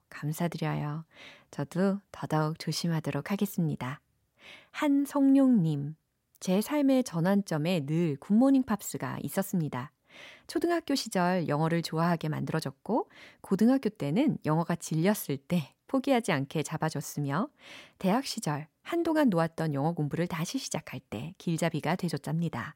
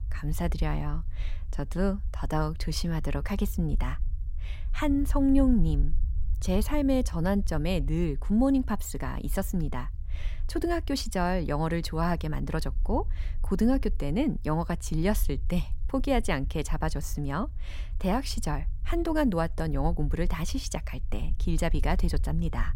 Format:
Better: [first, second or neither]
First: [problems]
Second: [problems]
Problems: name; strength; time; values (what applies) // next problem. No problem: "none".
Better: first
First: none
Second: low rumble; faint; throughout; 25 dB below the speech